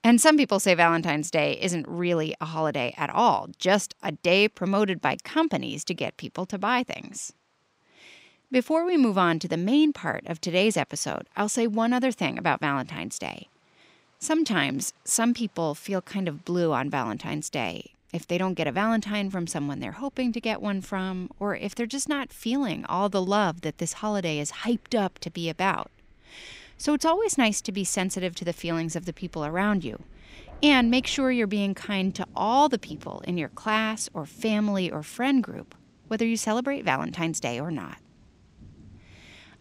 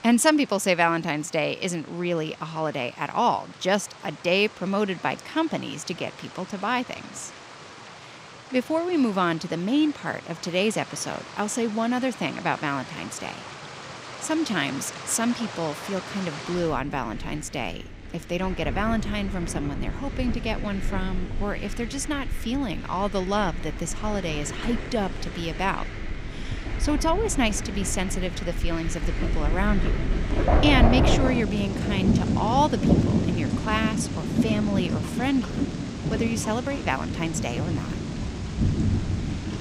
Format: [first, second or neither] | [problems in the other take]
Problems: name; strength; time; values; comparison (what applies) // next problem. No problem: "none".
first | rain or running water; loud; throughout; 3 dB below the speech; faint in the first